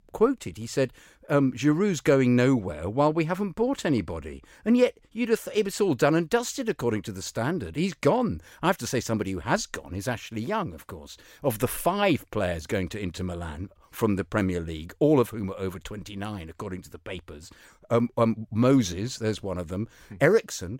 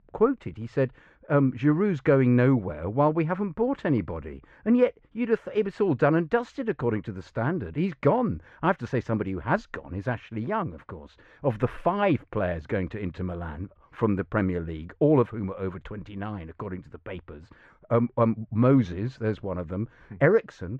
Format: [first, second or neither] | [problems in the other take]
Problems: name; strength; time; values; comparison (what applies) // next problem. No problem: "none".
first | muffled; very; fading above 1.5 kHz